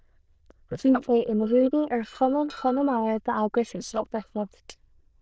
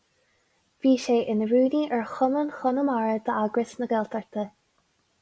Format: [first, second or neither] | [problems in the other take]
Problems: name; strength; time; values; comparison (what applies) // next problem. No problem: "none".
second | noise reduction (neural diffusion model UNIVERSE++)